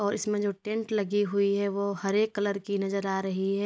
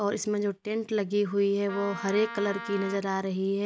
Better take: first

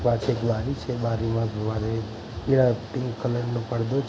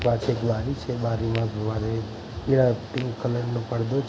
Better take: first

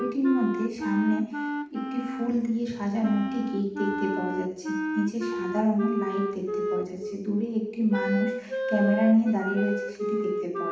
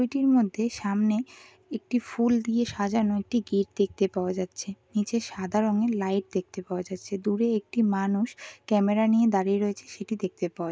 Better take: second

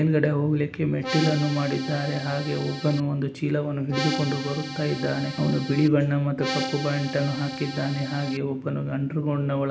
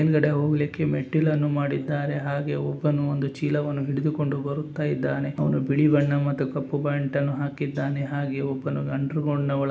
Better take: second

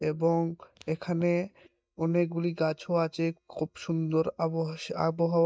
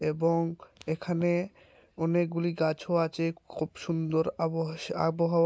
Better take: second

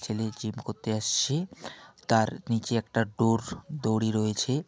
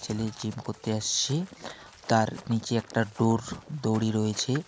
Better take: first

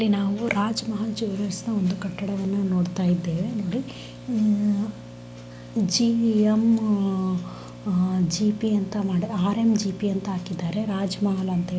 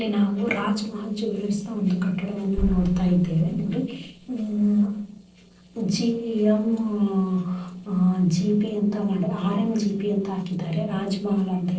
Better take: first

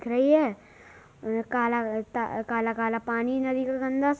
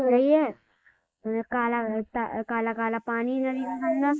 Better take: first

